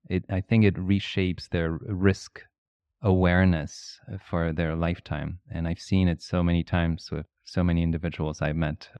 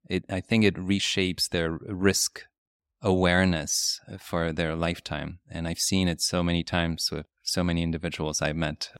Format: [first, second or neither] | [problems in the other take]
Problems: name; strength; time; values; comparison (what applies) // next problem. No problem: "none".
second | muffled; slightly; fading above 2.5 kHz